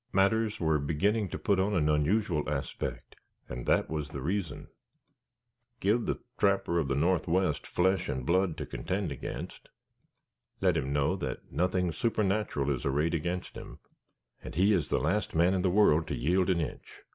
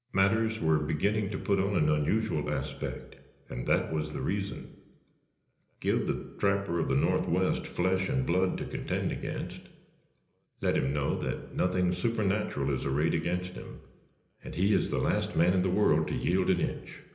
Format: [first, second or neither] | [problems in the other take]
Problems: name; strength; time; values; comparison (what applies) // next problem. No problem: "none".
first | room echo; dies away in 1 s